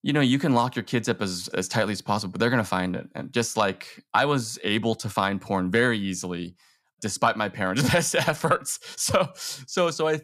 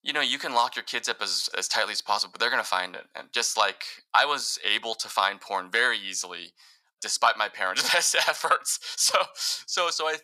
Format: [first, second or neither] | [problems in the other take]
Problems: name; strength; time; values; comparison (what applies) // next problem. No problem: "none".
first | thin; very; fading below 900 Hz